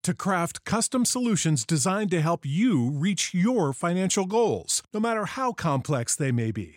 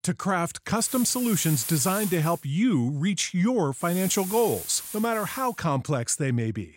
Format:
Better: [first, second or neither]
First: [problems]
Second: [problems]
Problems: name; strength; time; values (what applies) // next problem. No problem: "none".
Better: first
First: none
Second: hiss; loud; from 1 to 2.5 s and from 4 to 5.5 s; 8 dB below the speech